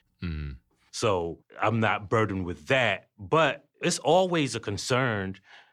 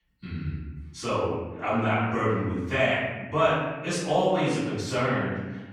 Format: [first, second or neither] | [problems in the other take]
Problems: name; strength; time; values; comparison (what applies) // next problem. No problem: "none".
first | off-mic speech; far // room echo; noticeable; dies away in 1.2 s